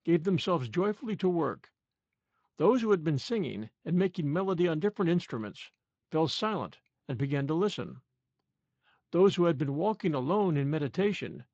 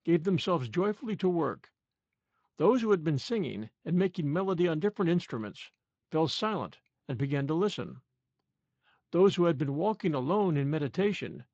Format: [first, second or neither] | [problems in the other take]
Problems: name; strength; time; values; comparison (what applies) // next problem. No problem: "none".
neither | garbled, watery; slightly; nothing above 7.5 kHz; the same in both